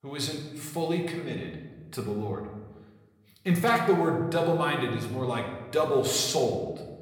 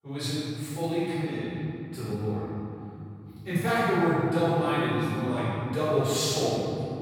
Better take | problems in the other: first | room echo; strong; dies away in 3 s; slight in the first // off-mic speech; far; somewhat distant in the first

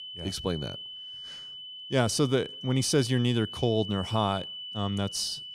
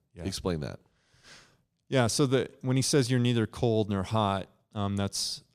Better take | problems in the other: second | high-pitched whine; loud; throughout; 3 kHz, 10 dB below the speech

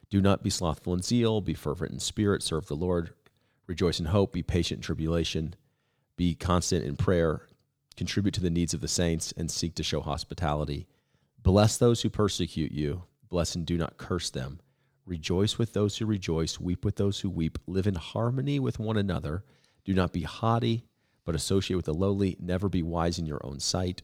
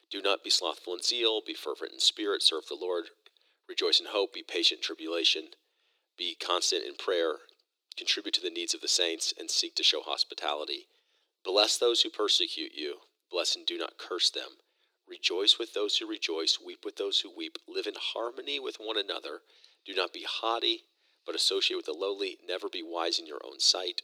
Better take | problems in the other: first | thin; very; fading below 300 Hz

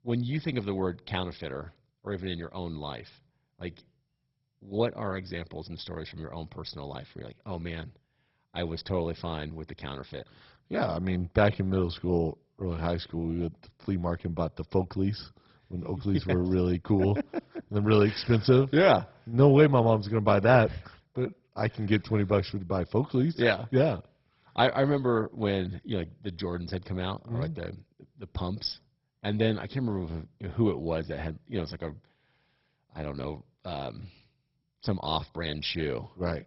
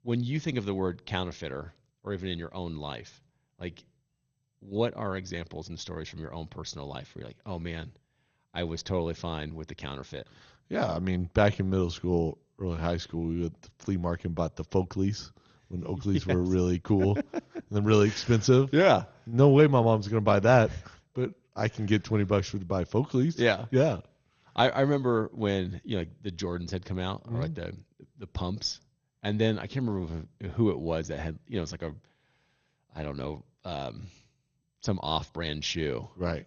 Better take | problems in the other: second | garbled, watery; badly; nothing above 5.5 kHz; slightly in the second

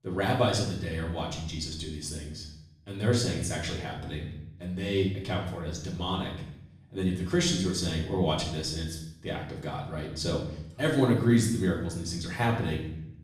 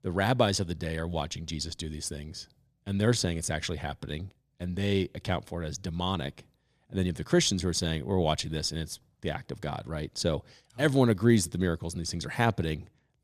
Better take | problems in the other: second | room echo; noticeable; dies away in 0.7 s // off-mic speech; far

